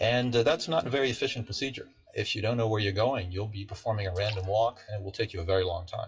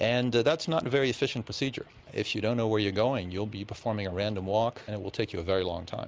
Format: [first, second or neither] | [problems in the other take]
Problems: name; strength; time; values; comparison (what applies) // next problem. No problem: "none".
second | noise reduction (classical method WPE with log-MMSE)